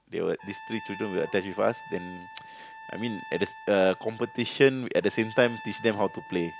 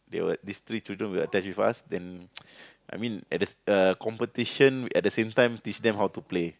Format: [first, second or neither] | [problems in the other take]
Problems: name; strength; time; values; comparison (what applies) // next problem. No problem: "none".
second | background sound (Trumpet); 16 dB below the speech